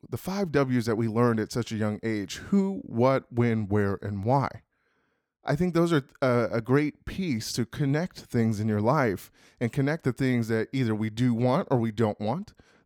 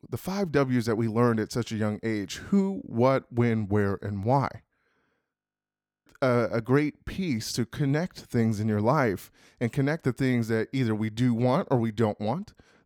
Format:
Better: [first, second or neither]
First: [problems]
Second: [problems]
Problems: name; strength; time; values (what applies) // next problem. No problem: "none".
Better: first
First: none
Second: audio freezing; at 5.5 s for 0.5 s